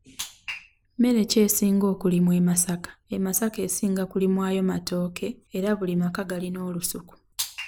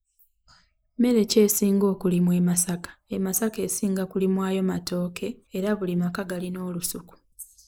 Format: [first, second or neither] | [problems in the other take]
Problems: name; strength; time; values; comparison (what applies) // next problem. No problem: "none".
first | noise reduction (neural mask model Resemble Enhance denoiser)